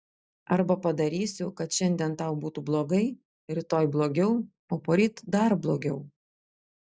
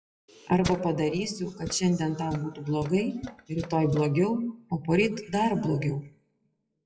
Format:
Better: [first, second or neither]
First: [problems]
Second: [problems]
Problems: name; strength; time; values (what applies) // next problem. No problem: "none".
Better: first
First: none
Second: noise reduction (classical method WPE with log-MMSE)